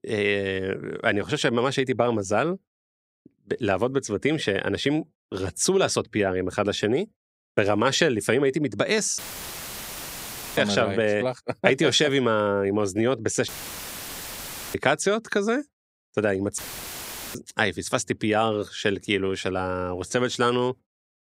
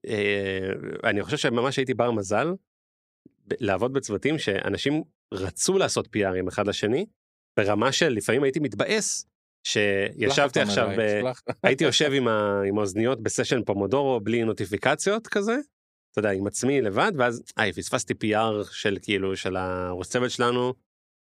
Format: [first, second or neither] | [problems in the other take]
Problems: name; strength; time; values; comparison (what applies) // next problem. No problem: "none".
second | audio cutting out; filled with static; at 9 s for 1.5 s, at 13 s for 1.5 s and at 17 s for 1 s